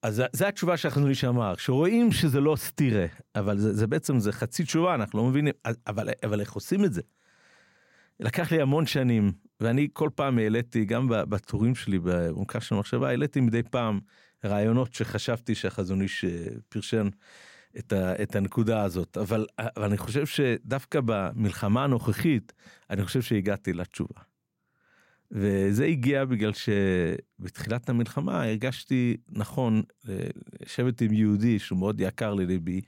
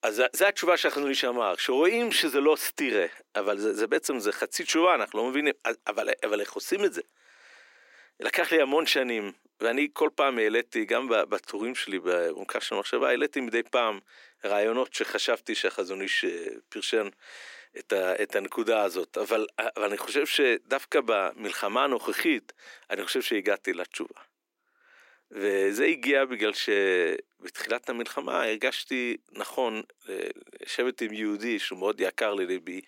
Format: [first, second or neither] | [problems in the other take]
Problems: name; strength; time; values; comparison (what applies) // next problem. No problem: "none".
first | thin; very; fading below 300 Hz